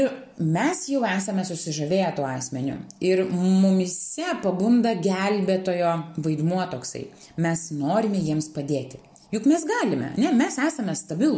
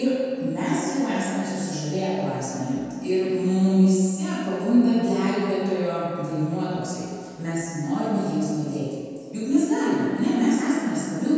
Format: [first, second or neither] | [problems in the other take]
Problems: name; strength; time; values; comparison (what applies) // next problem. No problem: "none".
first | room echo; dies away in 2.1 s